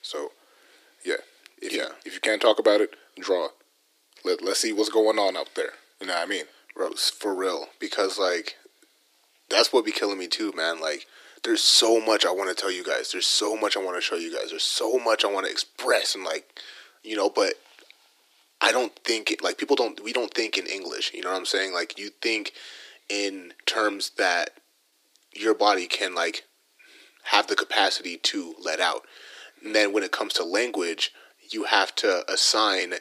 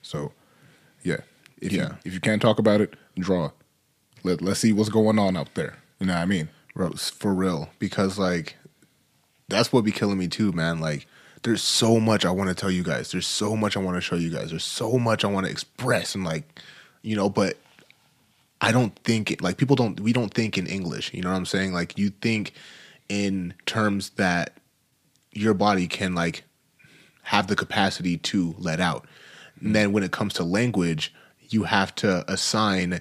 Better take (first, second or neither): second